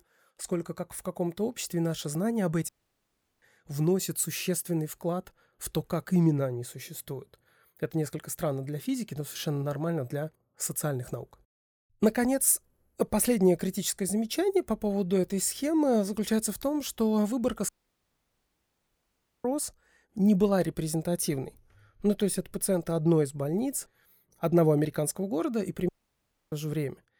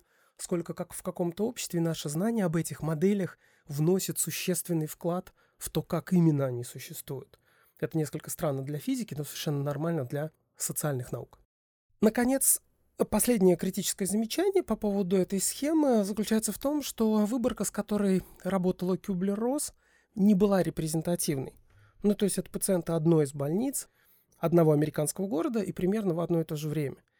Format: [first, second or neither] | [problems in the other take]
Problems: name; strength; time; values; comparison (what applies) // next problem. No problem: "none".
second | audio cutting out; at 2.5 s for 0.5 s, at 18 s for 2 s and at 26 s for 0.5 s